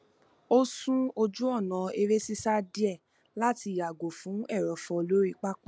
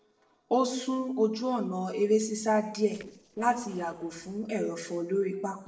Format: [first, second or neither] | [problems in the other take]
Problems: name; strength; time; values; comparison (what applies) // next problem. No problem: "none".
first | noise reduction (neural separator model SepFormer DNS4)